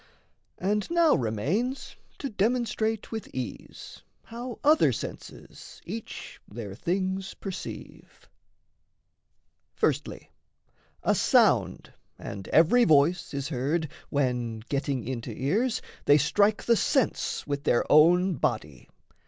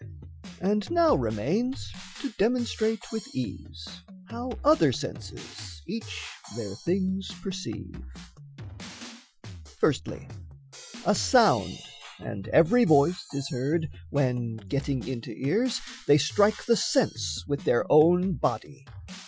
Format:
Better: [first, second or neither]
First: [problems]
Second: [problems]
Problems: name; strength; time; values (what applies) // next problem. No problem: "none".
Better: first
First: none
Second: noise reduction (classical method Wiener filter)